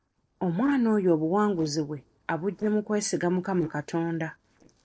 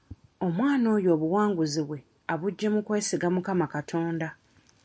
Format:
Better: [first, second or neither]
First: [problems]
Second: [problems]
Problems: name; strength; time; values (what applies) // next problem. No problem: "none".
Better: second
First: noise reduction (neural separator model SepFormer DNS4)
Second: none